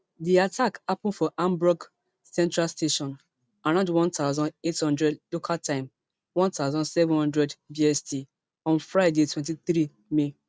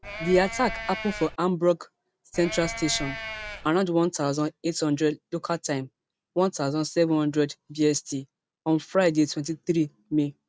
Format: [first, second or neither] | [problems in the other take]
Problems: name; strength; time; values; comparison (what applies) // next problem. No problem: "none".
first | background sound (Livestock, farm animals, working animals); 9 dB below the speech